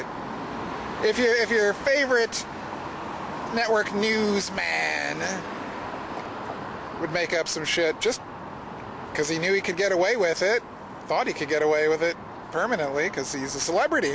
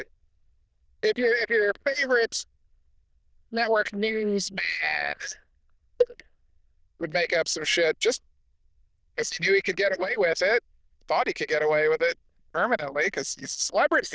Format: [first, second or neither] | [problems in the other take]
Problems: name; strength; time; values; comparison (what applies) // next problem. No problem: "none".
first | noise reduction (neural diffusion model UNIVERSE++)